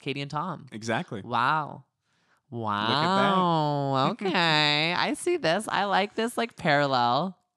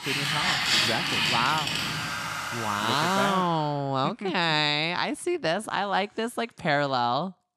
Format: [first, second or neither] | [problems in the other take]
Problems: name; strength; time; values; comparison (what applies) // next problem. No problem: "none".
first | household noises; very loud; until 3.5 s; 1 dB above the speech